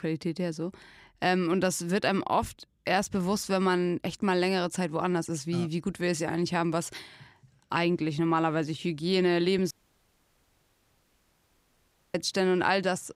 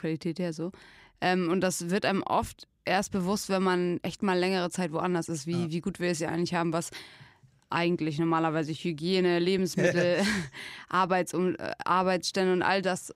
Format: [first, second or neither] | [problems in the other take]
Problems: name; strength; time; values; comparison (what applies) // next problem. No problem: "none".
second | audio cutting out; at 9.5 s for 2.5 s